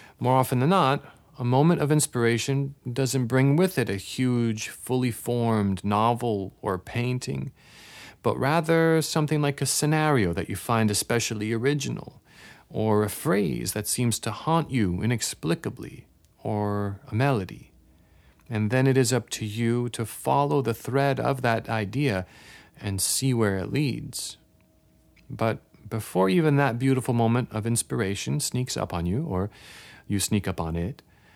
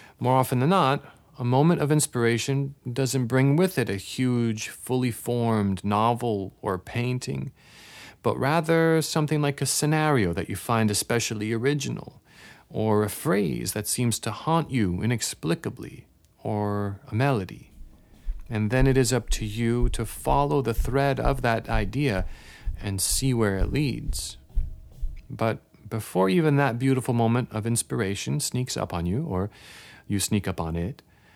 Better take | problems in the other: first | footsteps; noticeable; from 18 to 25 s; peak 8 dB below the speech

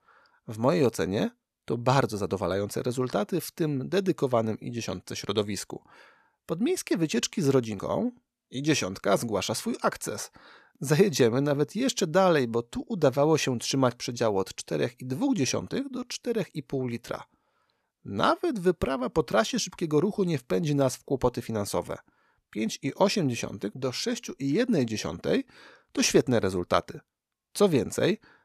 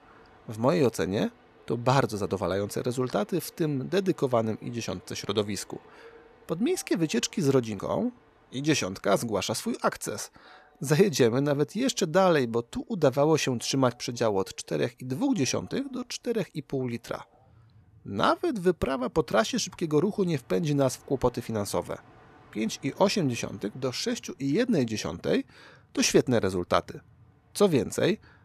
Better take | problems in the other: first | train or aircraft noise; faint; throughout; 30 dB below the speech

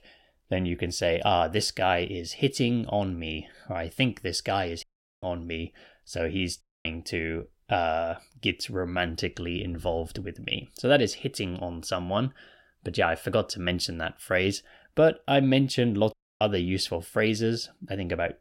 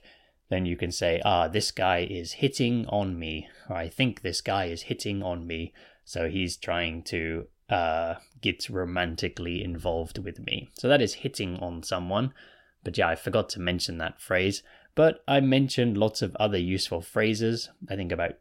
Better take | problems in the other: second | audio cutting out; at 5 s, at 6.5 s and at 16 s

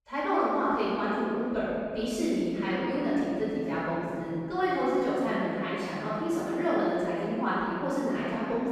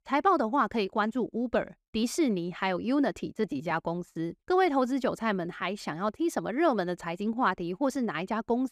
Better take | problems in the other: second | room echo; strong; dies away in 2.7 s // off-mic speech; far

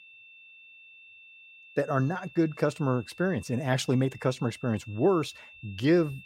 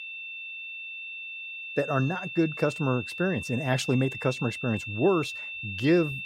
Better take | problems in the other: first | high-pitched whine; loud; throughout; 2.5 kHz, 8 dB below the speech; faint in the first

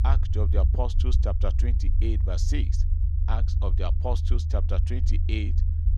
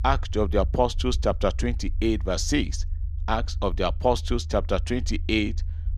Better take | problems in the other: second | low rumble; loud; throughout; 7 dB below the speech; faint in the second

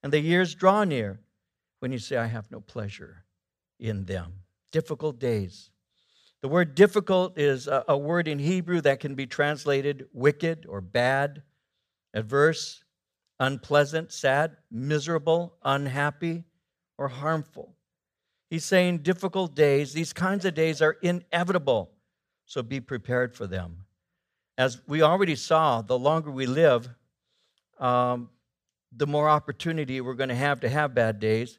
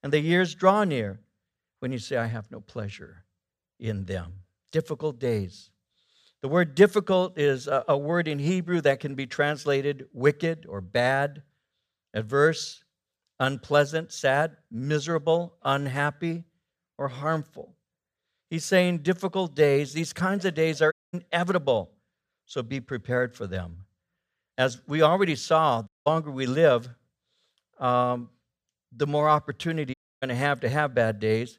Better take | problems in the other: first | audio cutting out; at 21 s, at 26 s and at 30 s

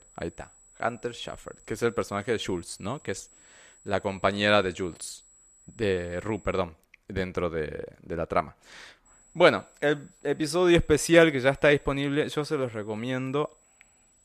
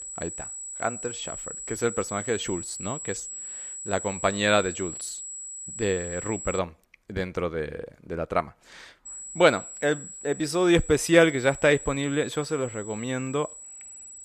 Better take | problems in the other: first | high-pitched whine; loud; until 6.5 s and from 9 s on; 8 kHz, 10 dB below the speech; faint in the first

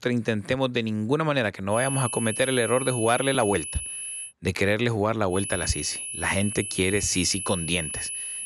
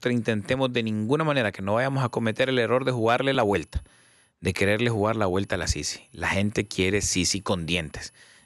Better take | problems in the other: second | high-pitched whine; loud; from 1.5 to 4.5 s and from 5.5 s on; 10.5 kHz, 6 dB below the speech; faint in the second

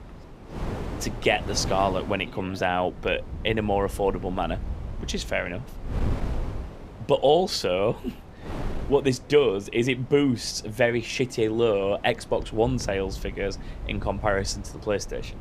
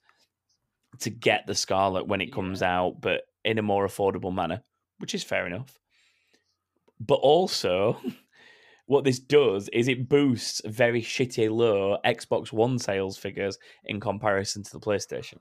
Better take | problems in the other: second | wind noise on the microphone; occasional gusts; 15 dB below the speech

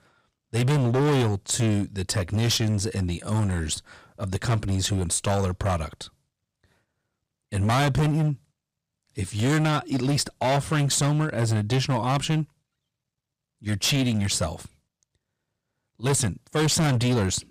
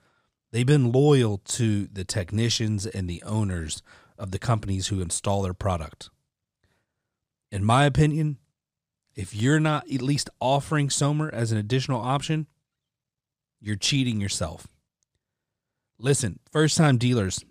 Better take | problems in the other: second | distortion; heavy; 14% of the sound clipped

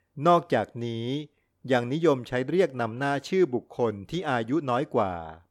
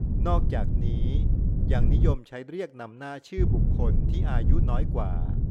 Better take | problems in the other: first | low rumble; loud; until 2 s and from 3.5 s on; 3 dB below the speech

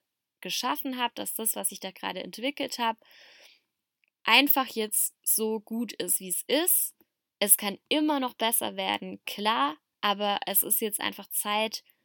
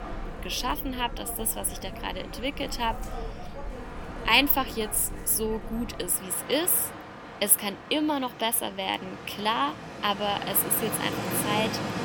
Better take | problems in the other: first | train or aircraft noise; noticeable; throughout; 10 dB below the speech

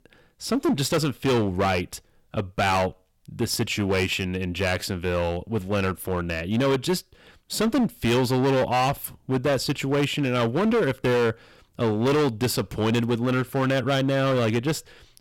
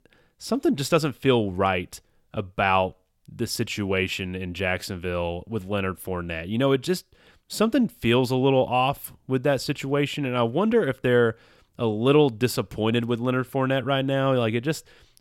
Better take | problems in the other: second | distortion; heavy; 15% of the sound clipped

